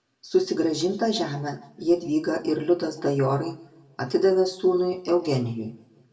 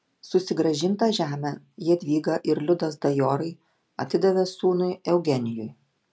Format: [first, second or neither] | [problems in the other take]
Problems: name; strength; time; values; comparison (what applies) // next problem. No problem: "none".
second | room echo; dies away in 0.7 s